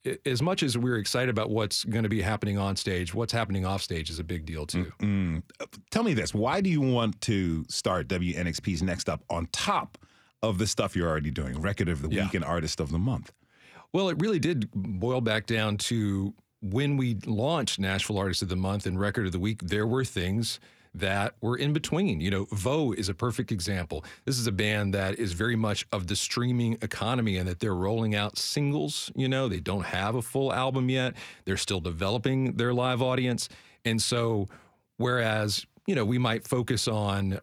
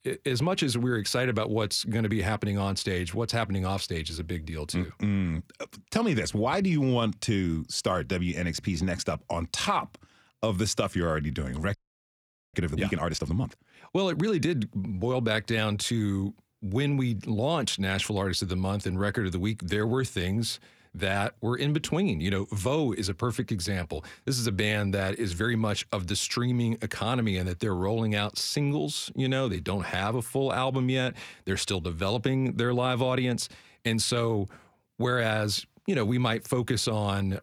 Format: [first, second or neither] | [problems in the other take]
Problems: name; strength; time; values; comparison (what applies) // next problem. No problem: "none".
first | audio freezing; at 12 s for 1 s